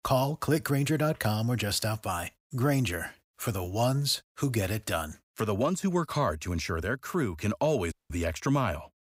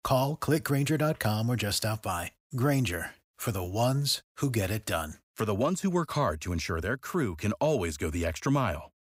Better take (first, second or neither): second